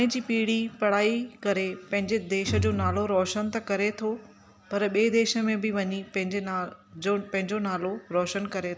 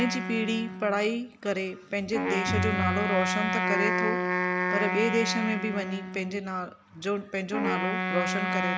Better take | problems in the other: first | background sound (Wind instrument, woodwind instrument); as loud as the speech

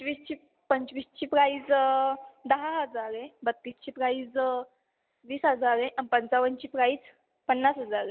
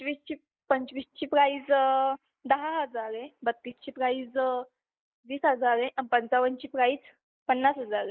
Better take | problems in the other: first | noise reduction (neural mask model Resemble Enhance denoiser)

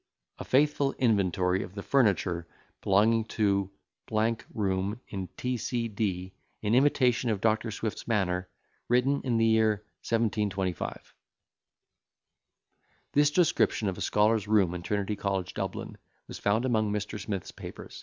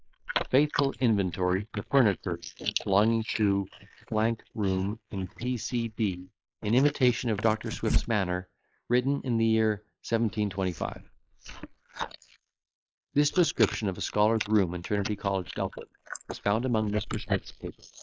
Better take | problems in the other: first | noise reduction (neural mask model Resemble Enhance denoiser)

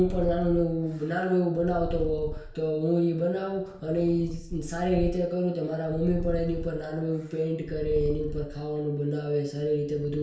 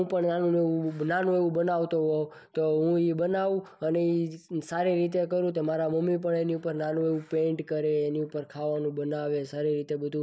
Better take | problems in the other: second | background sound (Purr); 10 dB below the speech // room echo; dies away in 0.5 s

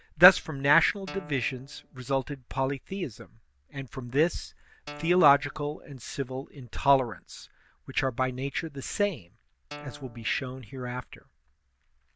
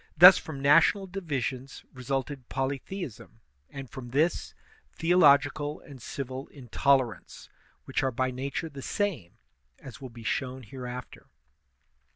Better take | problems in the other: second | background sound (Guitar); 17 dB below the speech

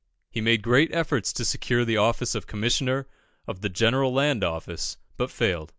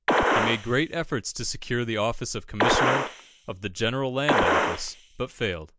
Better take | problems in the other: first | background sound (Gunshot, gunfire); 3 dB above the speech

